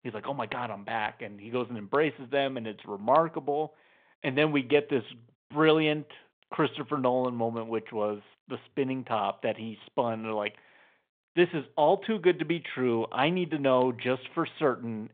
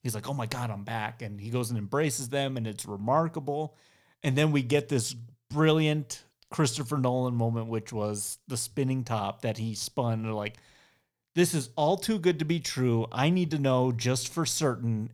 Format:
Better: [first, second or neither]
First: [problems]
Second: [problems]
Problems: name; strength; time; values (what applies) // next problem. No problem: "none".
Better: second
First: phone-call audio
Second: none